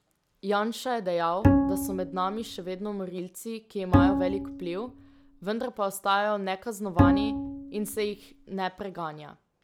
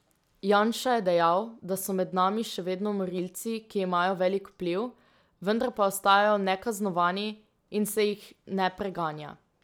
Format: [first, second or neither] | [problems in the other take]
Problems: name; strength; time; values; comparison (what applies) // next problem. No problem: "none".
second | background sound (Bowed string instrument); 4 dB above the speech